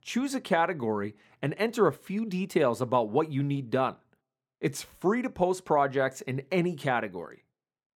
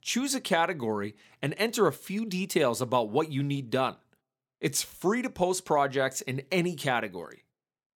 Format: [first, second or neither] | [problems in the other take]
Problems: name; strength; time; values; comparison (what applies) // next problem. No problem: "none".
second | muffled; slightly; fading above 2.5 kHz